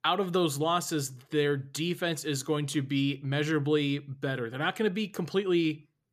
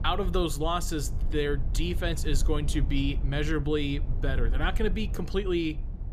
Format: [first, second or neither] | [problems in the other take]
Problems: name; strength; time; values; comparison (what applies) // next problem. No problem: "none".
first | low rumble; noticeable; throughout; 15 dB below the speech